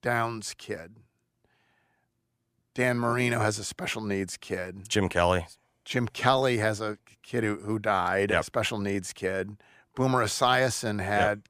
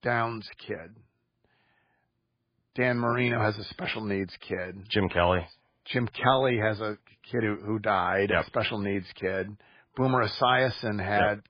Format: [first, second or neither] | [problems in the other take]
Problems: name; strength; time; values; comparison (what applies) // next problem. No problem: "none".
first | garbled, watery; badly; nothing above 5 kHz